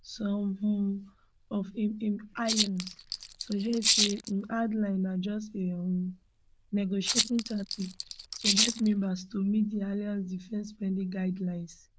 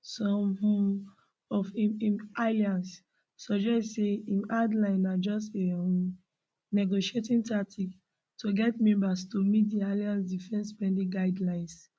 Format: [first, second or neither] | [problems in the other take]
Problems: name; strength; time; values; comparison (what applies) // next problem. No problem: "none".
second | noise reduction (neural diffusion model UNIVERSE++)